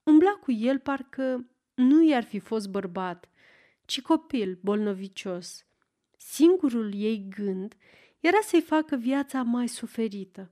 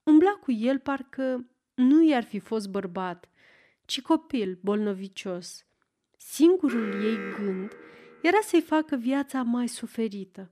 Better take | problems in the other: first | alarm; noticeable; from 6.5 to 8 s; peak 8 dB below the speech

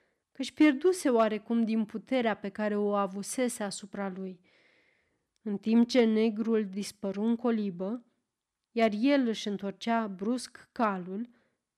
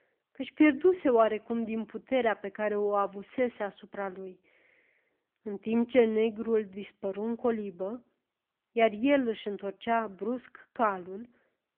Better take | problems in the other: first | phone-call audio; nothing above 3 kHz

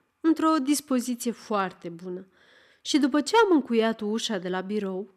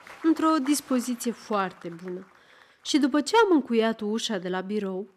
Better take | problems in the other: first | crowd noise; faint; throughout; 25 dB below the speech

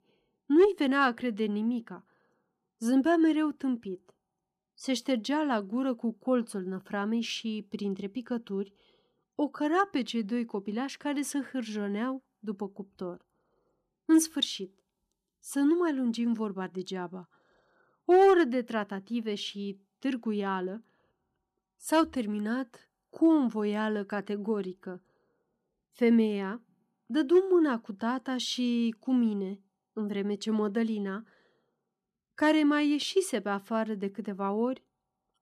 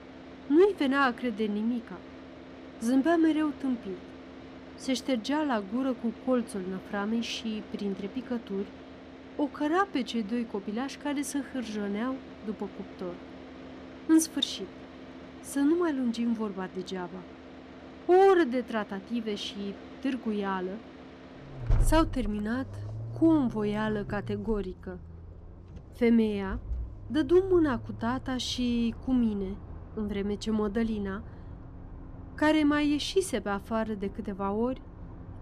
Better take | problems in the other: first | traffic noise; noticeable; throughout; 15 dB below the speech

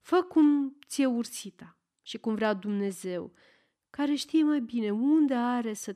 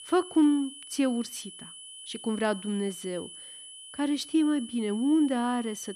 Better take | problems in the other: first | high-pitched whine; noticeable; throughout; 3 kHz, 15 dB below the speech

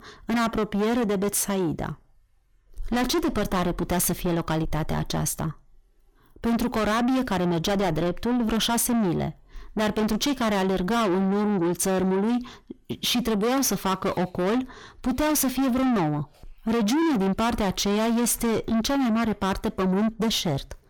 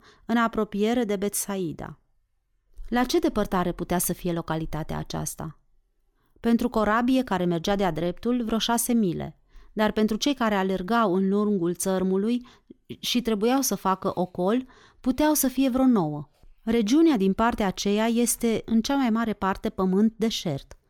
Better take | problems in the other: second | distortion; heavy; 6 dB below the speech

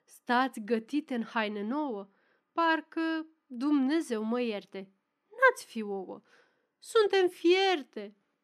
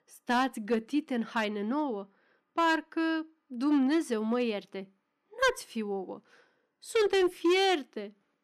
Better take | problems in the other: first | distortion; slight; 4% of the sound clipped

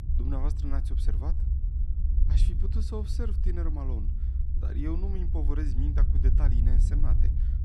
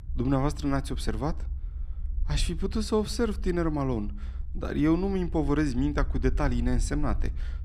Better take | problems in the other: second | low rumble; loud; throughout; 4 dB below the speech; faint in the second

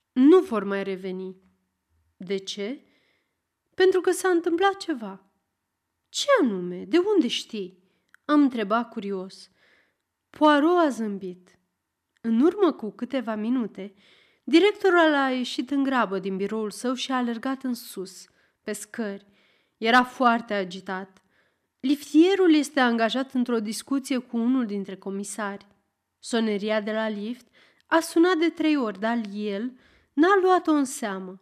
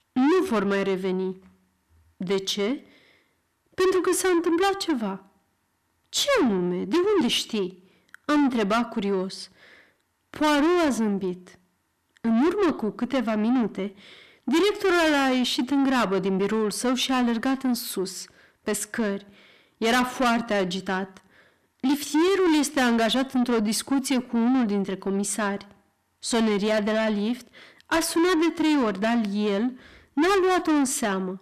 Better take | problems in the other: first | distortion; heavy; 6 dB below the speech

